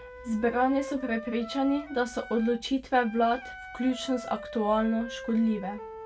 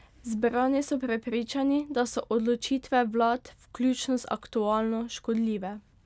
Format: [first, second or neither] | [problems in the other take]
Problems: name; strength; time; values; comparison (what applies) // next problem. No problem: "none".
second | background sound (Wind instrument, woodwind instrument); 14 dB below the speech // room echo; dies away in 0.1 s